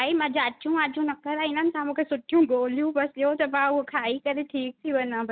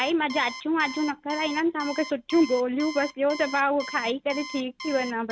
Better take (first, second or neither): first